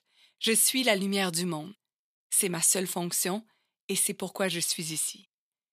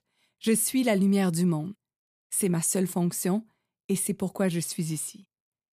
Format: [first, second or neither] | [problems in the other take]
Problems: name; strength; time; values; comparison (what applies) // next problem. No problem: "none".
second | thin; somewhat; fading below 650 Hz